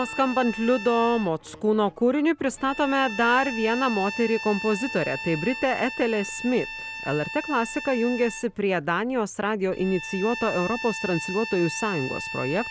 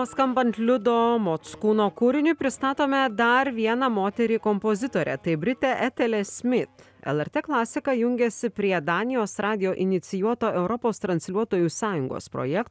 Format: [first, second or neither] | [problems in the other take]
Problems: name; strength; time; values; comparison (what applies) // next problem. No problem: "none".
second | background sound (Bowed string instrument); 11 dB below the speech